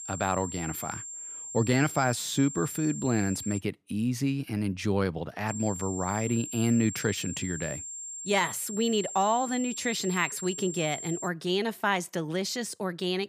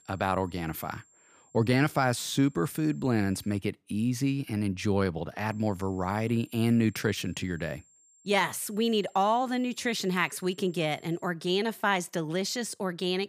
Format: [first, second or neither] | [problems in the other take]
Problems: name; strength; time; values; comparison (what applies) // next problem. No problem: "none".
second | high-pitched whine; loud; until 3.5 s and from 5.5 to 11 s; 7.5 kHz, 8 dB below the speech; faint in the second